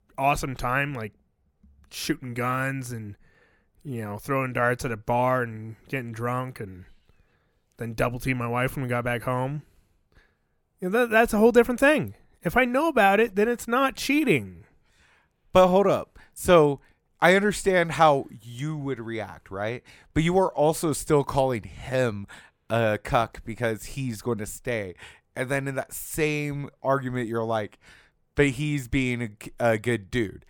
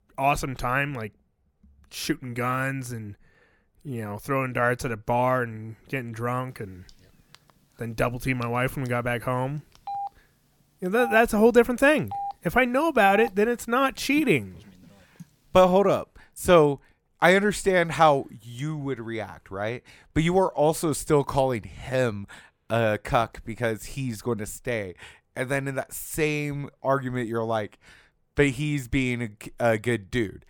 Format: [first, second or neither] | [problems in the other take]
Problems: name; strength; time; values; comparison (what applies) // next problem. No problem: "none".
first | phone ringing; noticeable; from 7 to 15 s; peak 9 dB below the speech